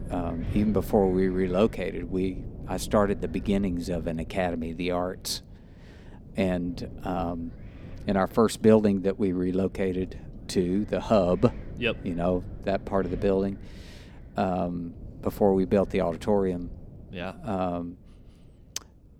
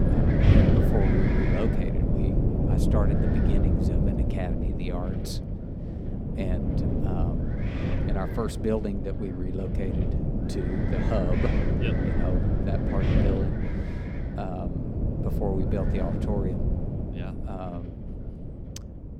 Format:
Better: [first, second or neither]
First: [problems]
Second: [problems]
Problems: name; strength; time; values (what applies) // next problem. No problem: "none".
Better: first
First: wind noise on the microphone; occasional gusts; 20 dB below the speech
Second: wind noise on the microphone; heavy; 2 dB above the speech